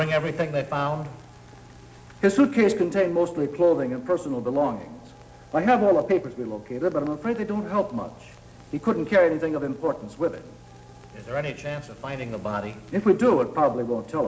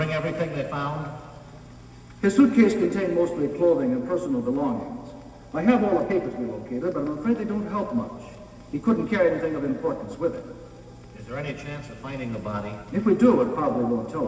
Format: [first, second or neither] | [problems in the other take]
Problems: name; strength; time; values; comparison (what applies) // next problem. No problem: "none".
first | room echo; dies away in 2.3 s